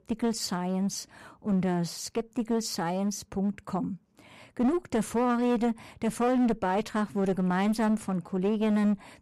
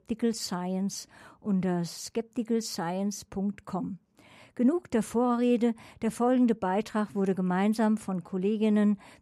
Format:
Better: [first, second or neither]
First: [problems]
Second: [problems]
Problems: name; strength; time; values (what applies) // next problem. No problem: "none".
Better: second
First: distortion; slight; 11% of the sound clipped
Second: none